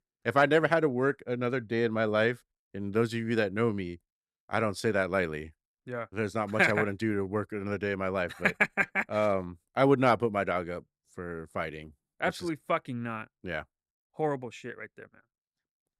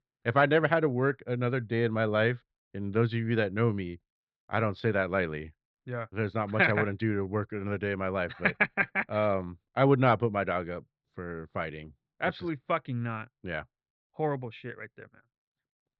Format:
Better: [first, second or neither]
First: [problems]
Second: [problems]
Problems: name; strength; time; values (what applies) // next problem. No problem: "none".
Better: first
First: none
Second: muffled; slightly; fading above 4 kHz